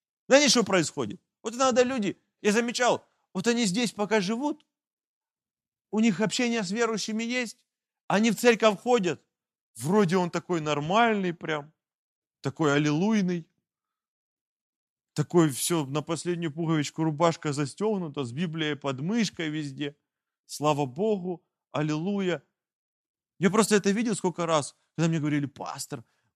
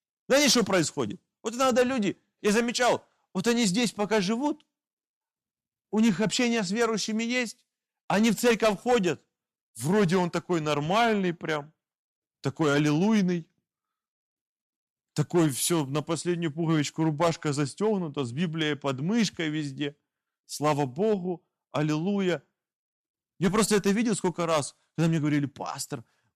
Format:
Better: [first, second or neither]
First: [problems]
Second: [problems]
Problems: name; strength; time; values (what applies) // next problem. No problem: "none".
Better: first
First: none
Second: distortion; slight; 3% of the sound clipped